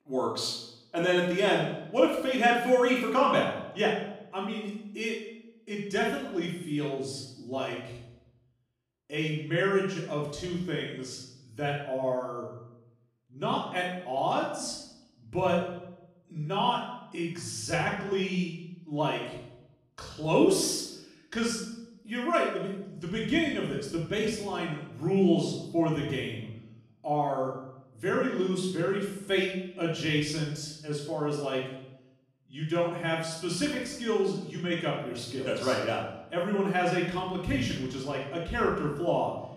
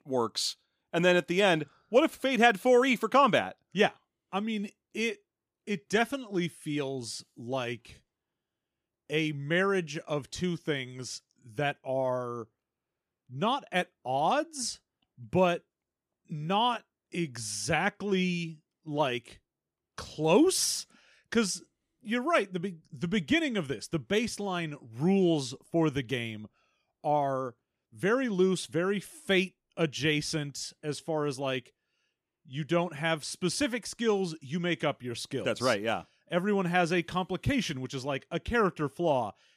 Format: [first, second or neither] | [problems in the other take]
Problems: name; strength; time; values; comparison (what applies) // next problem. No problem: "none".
second | off-mic speech; far // room echo; noticeable; dies away in 0.7 s